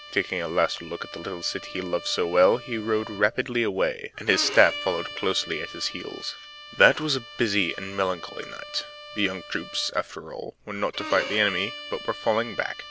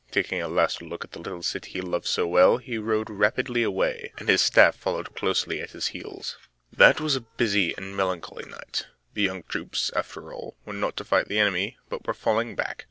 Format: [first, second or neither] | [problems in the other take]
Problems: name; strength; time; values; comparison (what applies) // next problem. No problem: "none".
second | background sound (Bowed string instrument); 13 dB below the speech